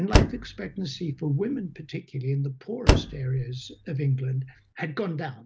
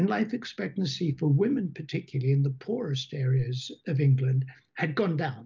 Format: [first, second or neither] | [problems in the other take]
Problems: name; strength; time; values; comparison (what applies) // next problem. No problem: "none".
second | background sound (Slam); 2 dB above the speech